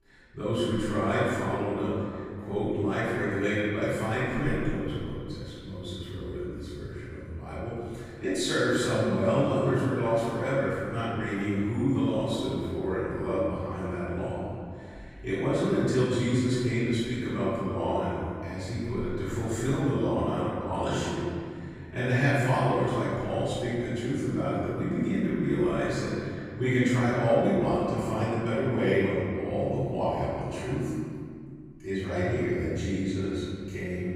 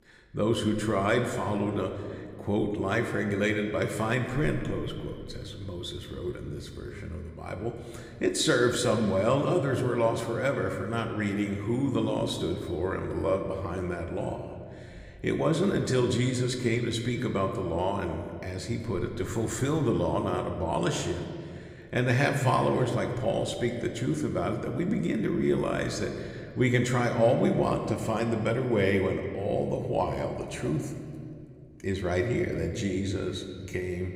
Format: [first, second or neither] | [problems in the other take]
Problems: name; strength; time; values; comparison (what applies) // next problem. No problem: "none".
second | room echo; strong; dies away in 2.1 s; slight in the second // off-mic speech; far